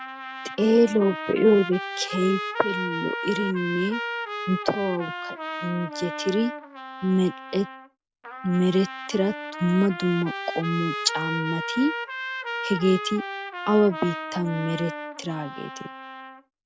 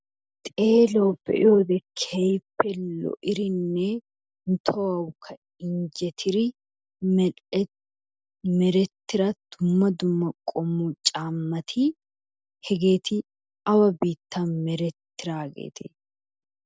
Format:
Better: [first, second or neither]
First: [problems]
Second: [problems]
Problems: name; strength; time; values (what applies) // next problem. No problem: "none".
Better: second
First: background sound (Trumpet); 8 dB below the speech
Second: none